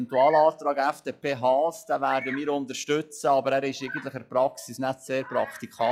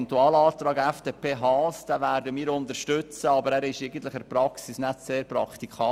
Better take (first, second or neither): second